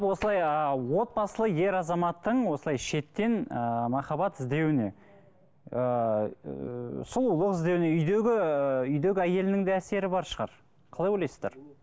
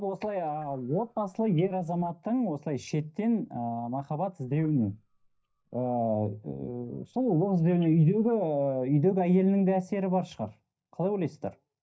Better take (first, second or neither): first